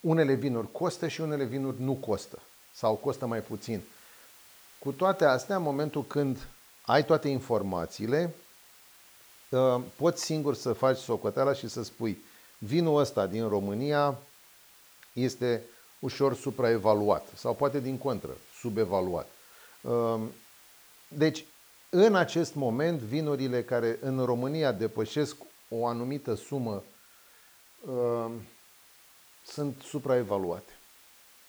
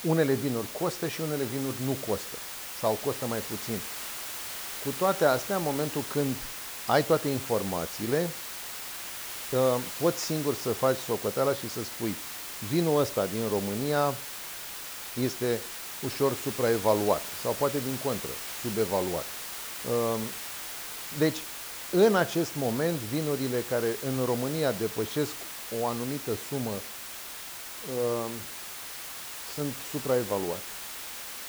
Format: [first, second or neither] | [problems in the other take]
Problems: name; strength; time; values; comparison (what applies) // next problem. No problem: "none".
first | hiss; loud; throughout; 6 dB below the speech; faint in the first